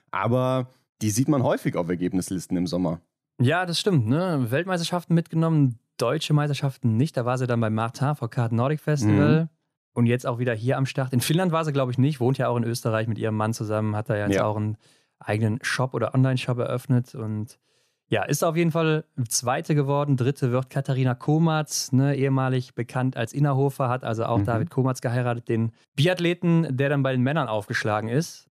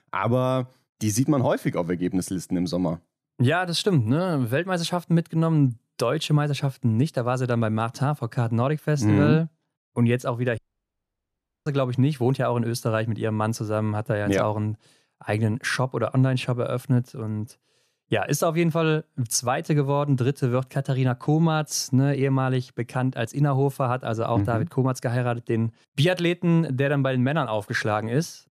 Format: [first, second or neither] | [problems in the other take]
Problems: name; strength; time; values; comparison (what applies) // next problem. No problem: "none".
first | audio cutting out; at 11 s for 1 s